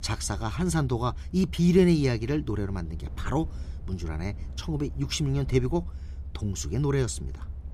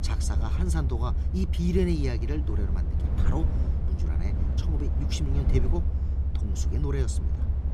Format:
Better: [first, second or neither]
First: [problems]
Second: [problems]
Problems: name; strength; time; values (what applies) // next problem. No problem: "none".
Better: first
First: low rumble; faint; throughout; 25 dB below the speech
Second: low rumble; loud; throughout; 6 dB below the speech